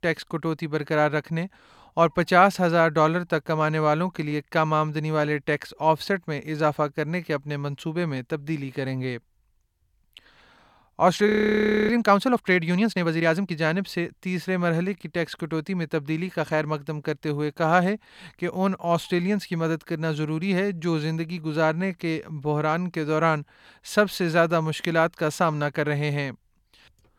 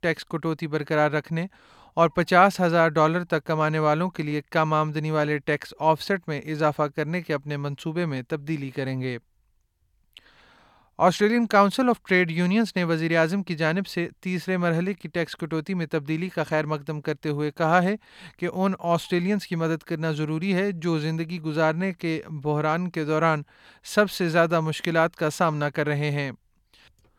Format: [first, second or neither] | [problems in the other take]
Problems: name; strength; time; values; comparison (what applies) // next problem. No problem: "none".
second | audio freezing; at 11 s for 0.5 s